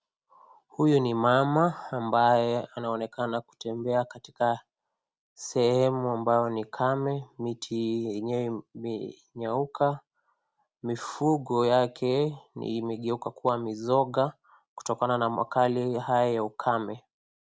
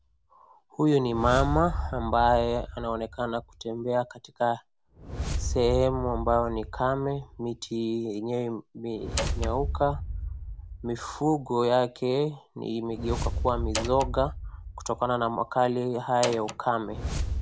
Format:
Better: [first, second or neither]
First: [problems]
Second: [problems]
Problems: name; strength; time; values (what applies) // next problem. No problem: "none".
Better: first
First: none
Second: background sound (Door + Whoosh, swoosh, swish); 7 dB below the speech